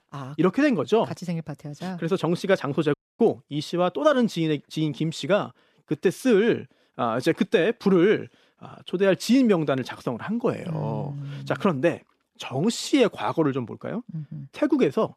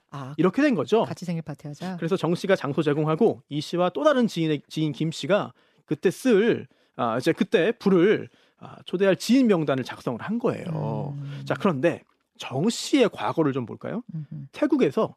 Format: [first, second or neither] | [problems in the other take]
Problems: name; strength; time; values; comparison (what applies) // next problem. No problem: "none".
second | audio cutting out; at 3 s